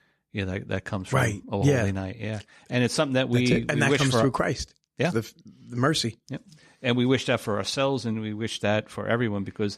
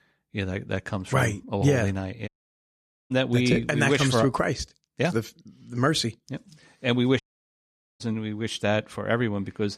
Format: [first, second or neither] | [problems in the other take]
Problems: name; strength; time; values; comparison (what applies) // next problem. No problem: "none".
first | audio cutting out; at 2.5 s for 1 s and at 7 s for 1 s